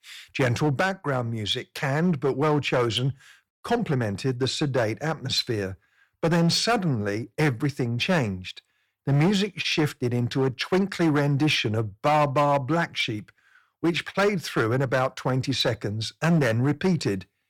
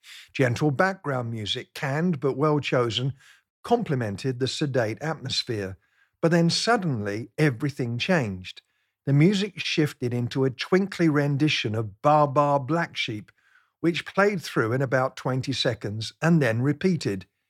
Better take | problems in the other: second | distortion; slight; 7% of the sound clipped

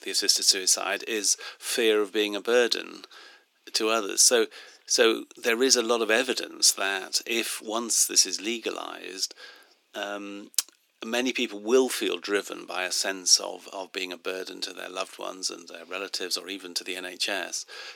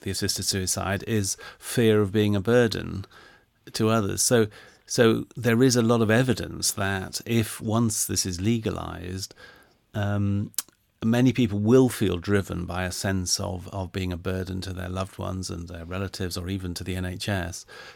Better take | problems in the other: second | thin; somewhat; fading below 300 Hz

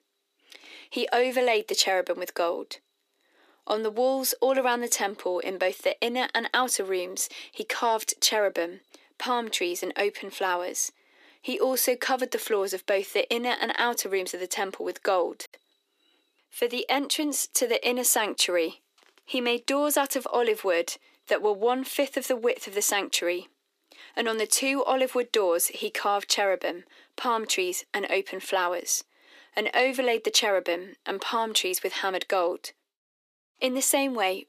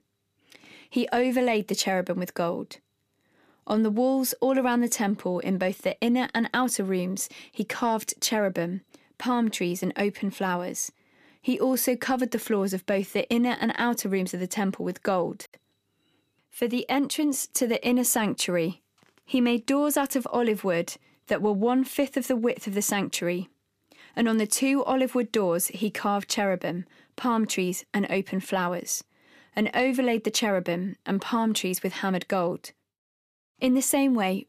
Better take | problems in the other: second | thin; somewhat; fading below 350 Hz

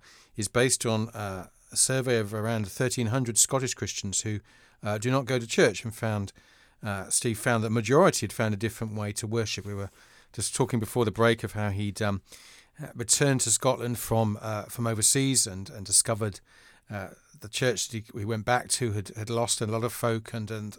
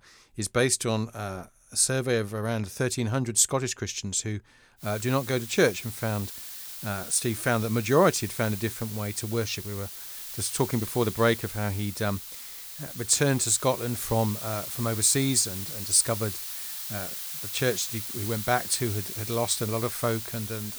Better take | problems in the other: first | hiss; loud; from 5 s on; 8 dB below the speech

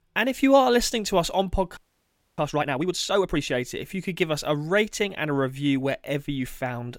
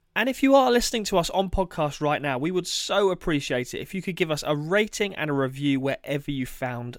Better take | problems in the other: second | audio freezing; at 2 s for 0.5 s

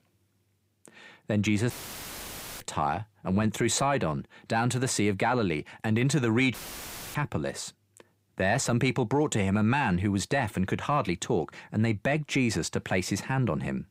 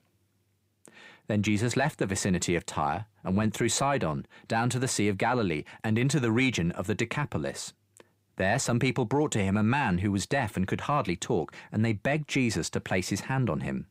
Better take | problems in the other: second | audio cutting out; filled with static; at 1.5 s for 1 s and at 6.5 s for 0.5 s

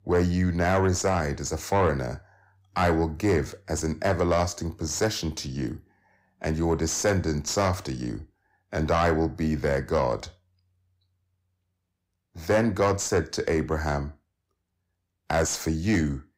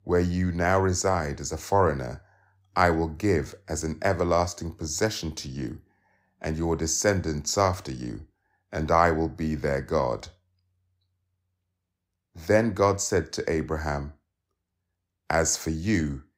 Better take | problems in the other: second | distortion; slight; 10 dB below the speech

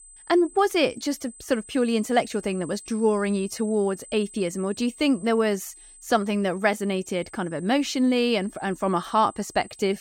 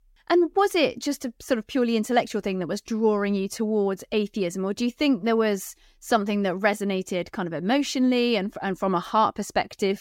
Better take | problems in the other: second | high-pitched whine; noticeable; throughout; 8 kHz, 20 dB below the speech

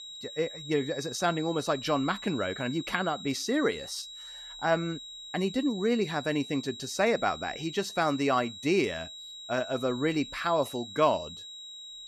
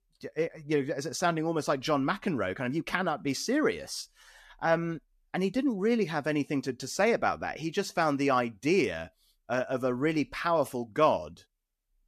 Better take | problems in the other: second | high-pitched whine; noticeable; throughout; 4 kHz, 10 dB below the speech

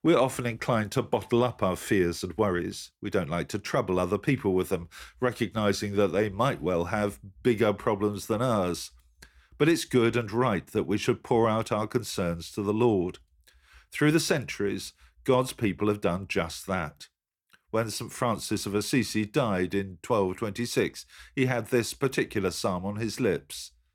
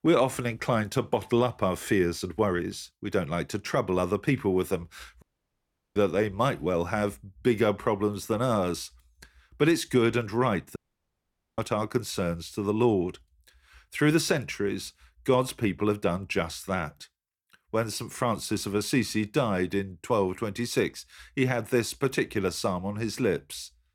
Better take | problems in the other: first | audio cutting out; at 5 s for 0.5 s and at 11 s for 1 s

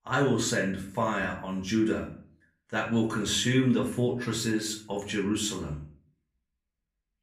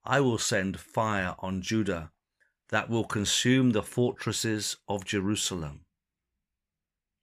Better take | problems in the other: second | room echo; slight; dies away in 0.4 s // off-mic speech; far

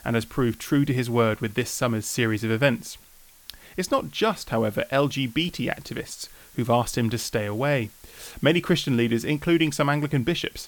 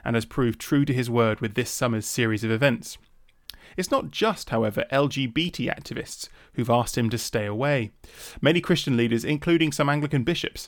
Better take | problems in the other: second | hiss; faint; throughout; 25 dB below the speech

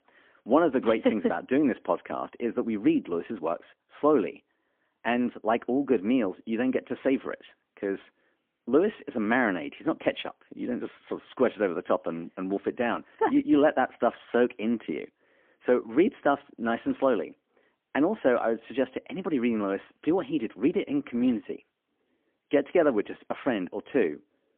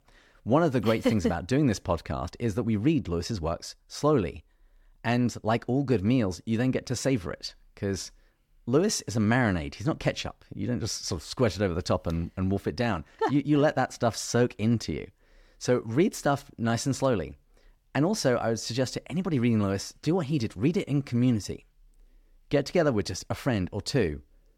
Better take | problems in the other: second | phone-call audio; poor line; nothing above 3.5 kHz

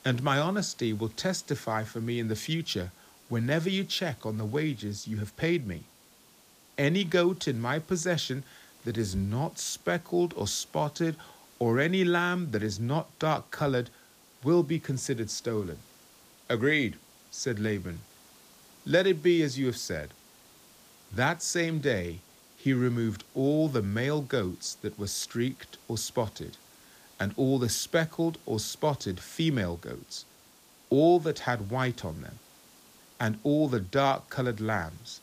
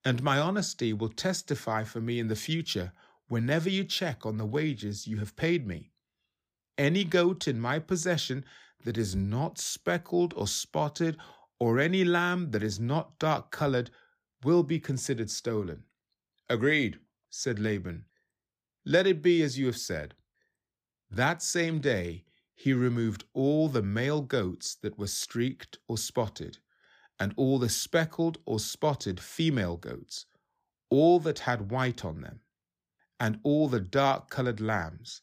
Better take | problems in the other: second | hiss; faint; throughout; 25 dB below the speech

